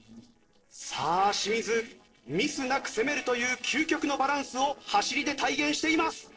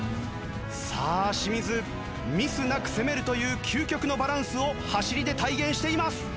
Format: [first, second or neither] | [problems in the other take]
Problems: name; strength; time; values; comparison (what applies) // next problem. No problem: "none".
second | noise reduction (neural separator model SepFormer DNS4)